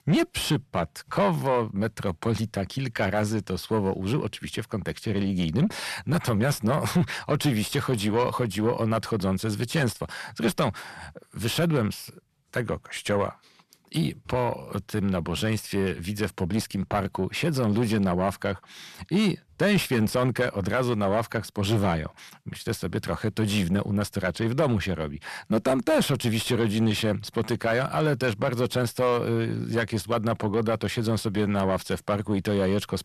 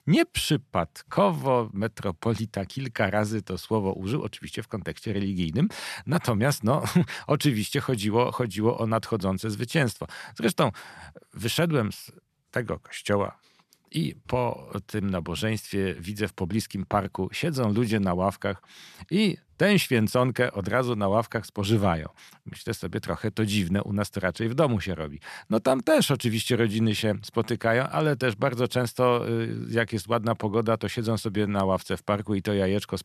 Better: second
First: distortion; slight; 10 dB below the speech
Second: none

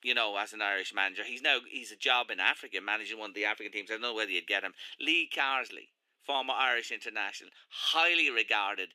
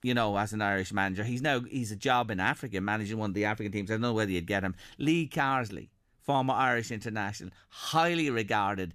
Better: second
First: thin; very; fading below 350 Hz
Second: none

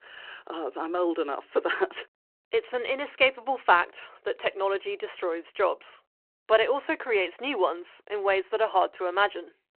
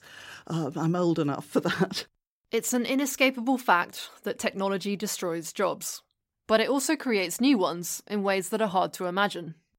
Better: second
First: phone-call audio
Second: none

